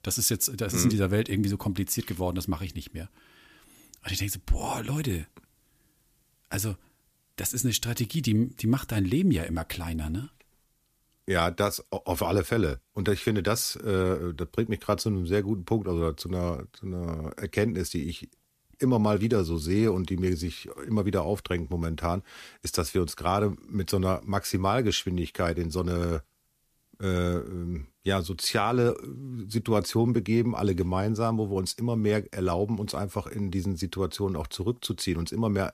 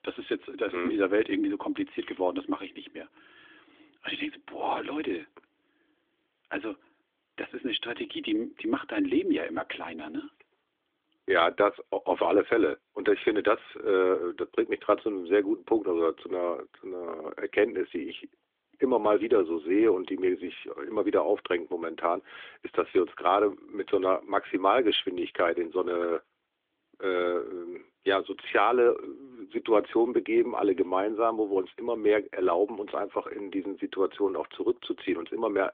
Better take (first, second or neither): first